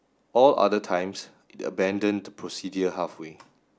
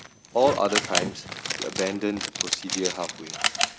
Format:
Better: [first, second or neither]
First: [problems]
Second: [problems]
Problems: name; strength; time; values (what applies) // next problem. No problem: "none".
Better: first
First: none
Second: background sound (Zipper (clothing) + Camera); 2 dB below the speech